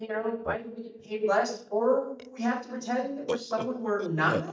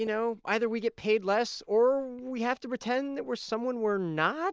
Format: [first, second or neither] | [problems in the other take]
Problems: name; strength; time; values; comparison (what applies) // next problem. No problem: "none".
second | noise reduction (neural mask model DeepFilterNet 3)